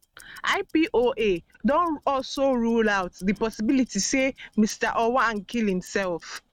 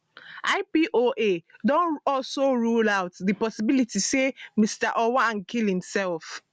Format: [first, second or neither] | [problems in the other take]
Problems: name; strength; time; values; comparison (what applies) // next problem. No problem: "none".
second | noise reduction (neural mask model RNNoise)